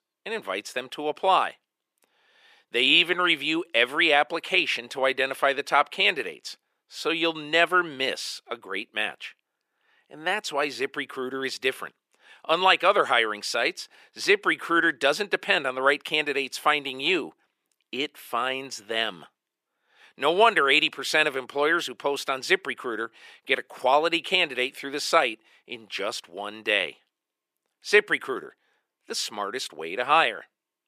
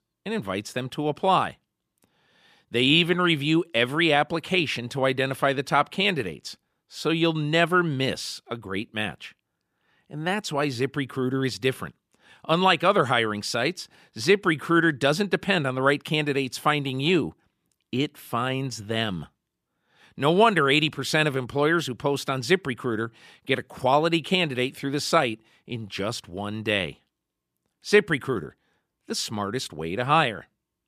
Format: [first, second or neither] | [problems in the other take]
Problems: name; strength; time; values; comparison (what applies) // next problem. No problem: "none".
second | thin; somewhat; fading below 500 Hz